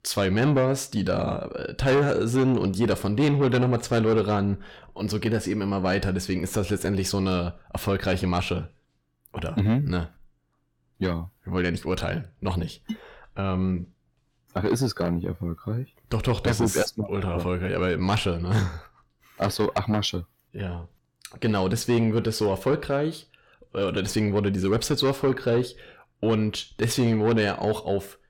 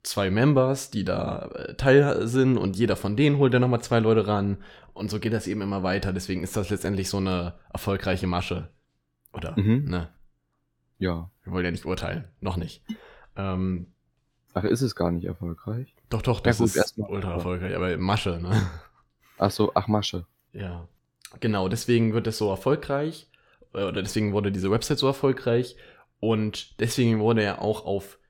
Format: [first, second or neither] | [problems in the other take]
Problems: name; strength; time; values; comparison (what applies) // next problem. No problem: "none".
second | distortion; slight; 10 dB below the speech